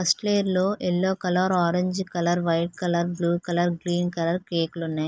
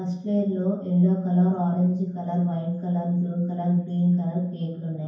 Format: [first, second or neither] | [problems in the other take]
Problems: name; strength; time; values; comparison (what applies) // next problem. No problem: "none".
first | room echo; dies away in 0.9 s